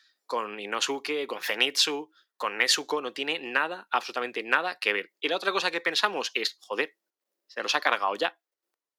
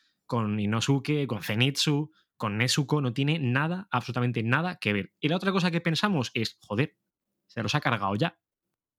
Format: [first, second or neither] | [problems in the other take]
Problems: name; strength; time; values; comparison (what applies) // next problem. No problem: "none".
second | thin; very; fading below 400 Hz